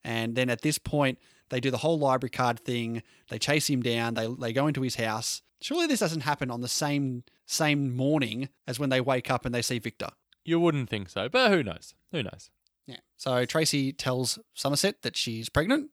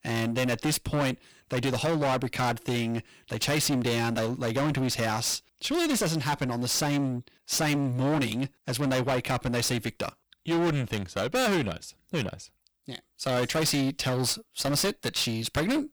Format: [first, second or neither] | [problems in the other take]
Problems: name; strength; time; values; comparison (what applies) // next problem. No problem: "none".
first | distortion; heavy; 21% of the sound clipped